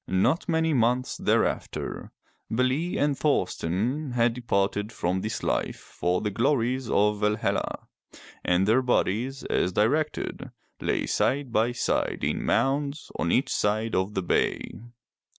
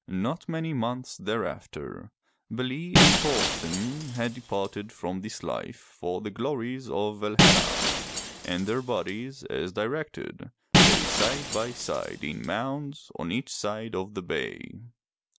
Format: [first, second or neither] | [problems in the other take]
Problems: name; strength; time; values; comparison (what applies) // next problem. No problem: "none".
first | background sound (Shatter); 4 dB above the speech